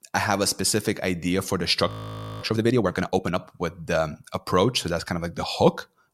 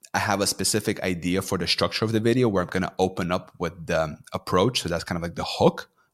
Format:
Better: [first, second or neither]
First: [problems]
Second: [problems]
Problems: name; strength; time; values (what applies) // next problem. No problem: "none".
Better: second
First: audio freezing; at 2 s for 0.5 s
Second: none